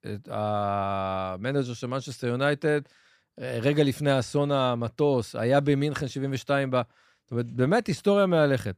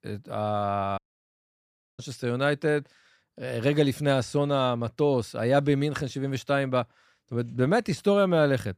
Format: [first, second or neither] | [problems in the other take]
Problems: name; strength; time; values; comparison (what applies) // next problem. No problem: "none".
first | audio cutting out; at 1 s for 1 s